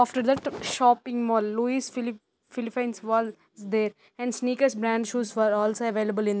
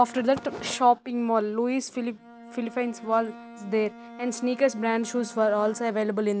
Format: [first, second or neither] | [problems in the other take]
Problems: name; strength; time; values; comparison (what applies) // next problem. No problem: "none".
first | background sound (Bowed string instrument); 19 dB below the speech